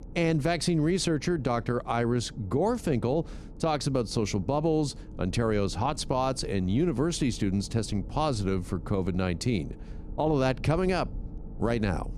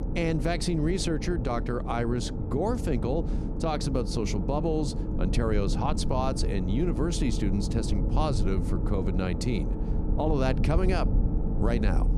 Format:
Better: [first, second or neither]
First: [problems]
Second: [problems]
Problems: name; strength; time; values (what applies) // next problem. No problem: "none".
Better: first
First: low rumble; faint; throughout; 25 dB below the speech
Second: low rumble; loud; throughout; 8 dB below the speech